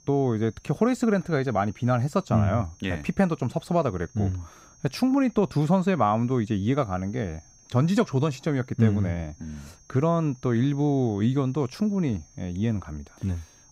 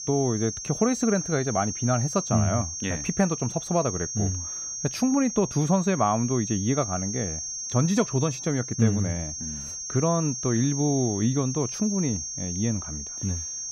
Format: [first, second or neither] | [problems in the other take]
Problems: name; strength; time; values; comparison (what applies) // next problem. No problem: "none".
first | high-pitched whine; loud; throughout; 6.5 kHz, 5 dB below the speech; faint in the first